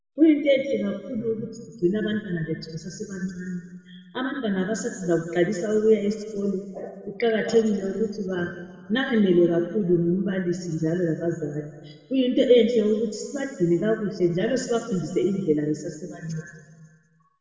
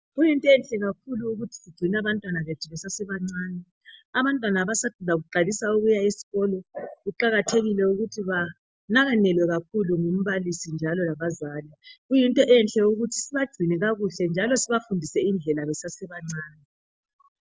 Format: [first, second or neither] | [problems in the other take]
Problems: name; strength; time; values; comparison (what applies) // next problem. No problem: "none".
second | room echo; dies away in 1.6 s